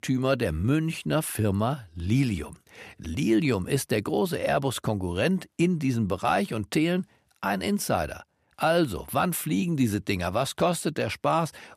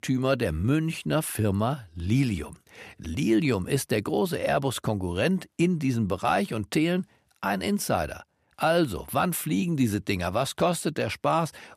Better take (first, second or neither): neither